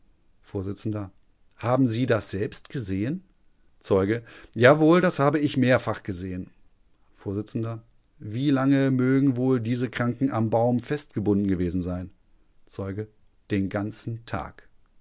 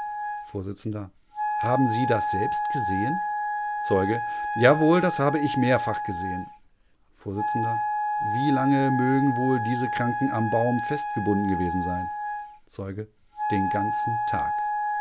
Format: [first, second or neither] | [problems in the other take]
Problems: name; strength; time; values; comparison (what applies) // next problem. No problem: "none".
first | background sound (Wind instrument, woodwind instrument); 2 dB below the speech